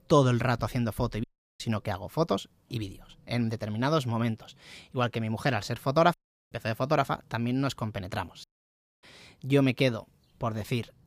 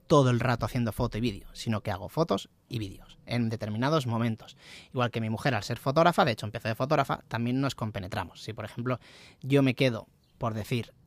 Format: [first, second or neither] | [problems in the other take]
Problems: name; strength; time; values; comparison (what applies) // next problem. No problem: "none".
second | audio cutting out; at 1 s, at 6 s and at 8.5 s for 0.5 s